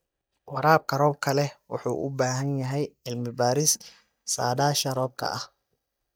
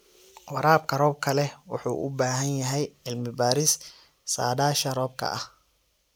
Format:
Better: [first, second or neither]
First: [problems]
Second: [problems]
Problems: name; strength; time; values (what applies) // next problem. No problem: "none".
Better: second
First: noise reduction (neural mask model DeepFilterNet 3)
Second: none